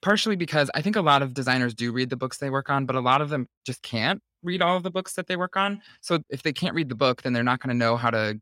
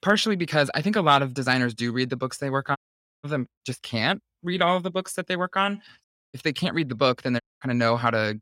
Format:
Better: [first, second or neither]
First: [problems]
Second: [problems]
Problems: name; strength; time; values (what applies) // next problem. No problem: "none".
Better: first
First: none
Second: audio cutting out; at 3 s, at 6 s and at 7.5 s